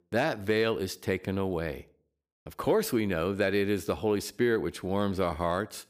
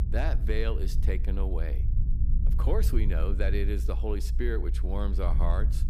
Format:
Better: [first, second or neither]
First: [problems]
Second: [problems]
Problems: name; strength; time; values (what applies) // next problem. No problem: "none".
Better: first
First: none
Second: low rumble; noticeable; throughout; 10 dB below the speech